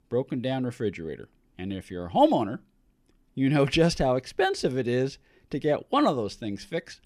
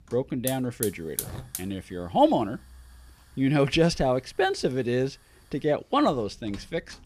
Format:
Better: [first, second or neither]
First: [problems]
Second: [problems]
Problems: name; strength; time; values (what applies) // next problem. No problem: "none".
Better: first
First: none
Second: hiss; loud; throughout; 10 dB below the speech